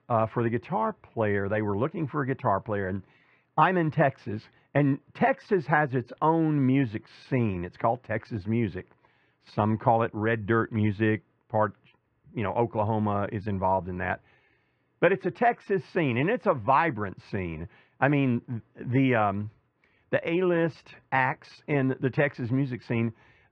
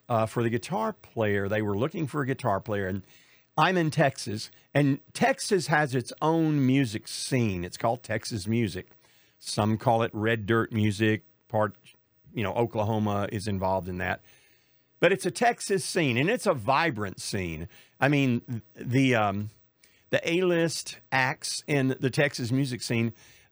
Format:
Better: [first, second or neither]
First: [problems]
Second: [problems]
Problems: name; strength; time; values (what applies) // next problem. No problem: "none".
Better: second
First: muffled; very; fading above 2.5 kHz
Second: none